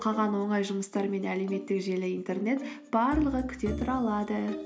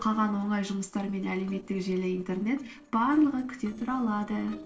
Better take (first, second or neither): first